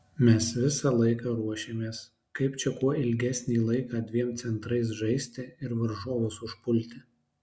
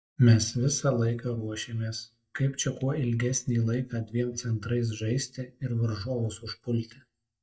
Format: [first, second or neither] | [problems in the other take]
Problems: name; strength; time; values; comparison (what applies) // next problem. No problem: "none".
first | noise reduction (neural mask model DeepFilterNet 3)